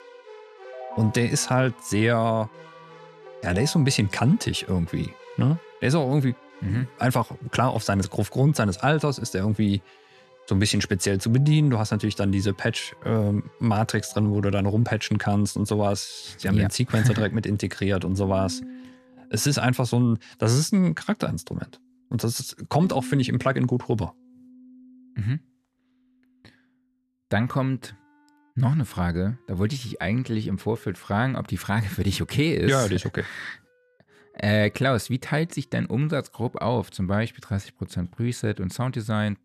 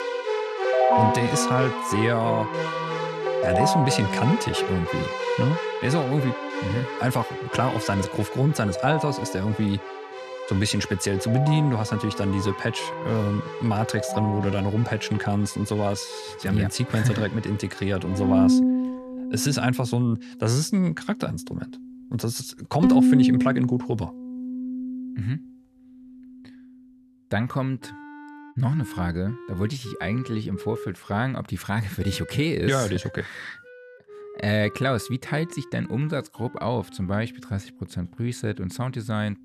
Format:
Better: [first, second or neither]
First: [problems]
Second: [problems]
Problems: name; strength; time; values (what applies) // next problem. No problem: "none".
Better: first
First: background music; faint; throughout; 20 dB below the speech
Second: background music; loud; throughout; 1 dB below the speech